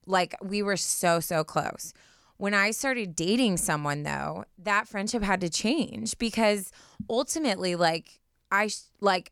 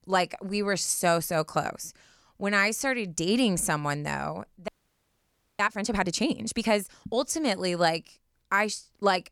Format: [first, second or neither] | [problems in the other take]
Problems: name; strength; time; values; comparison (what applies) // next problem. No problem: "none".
first | audio freezing; at 4.5 s for 1 s